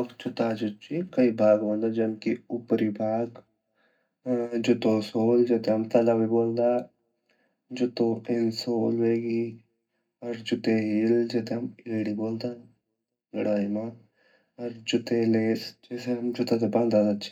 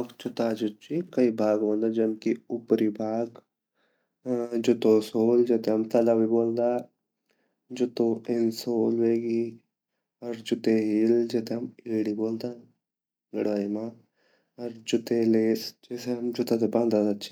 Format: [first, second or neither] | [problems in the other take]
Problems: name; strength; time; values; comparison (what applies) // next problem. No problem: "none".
second | room echo; dies away in 0.3 s